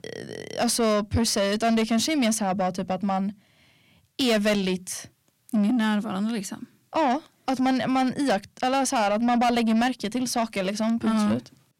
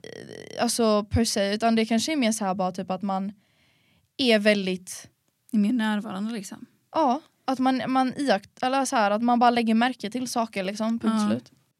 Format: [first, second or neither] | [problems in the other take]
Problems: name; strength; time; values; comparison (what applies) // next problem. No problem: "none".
second | distortion; slight; 10 dB below the speech